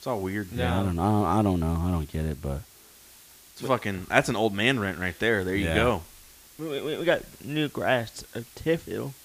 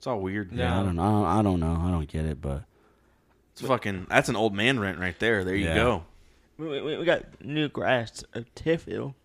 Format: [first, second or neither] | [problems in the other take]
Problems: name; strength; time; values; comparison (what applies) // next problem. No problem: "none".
second | hiss; faint; throughout; 25 dB below the speech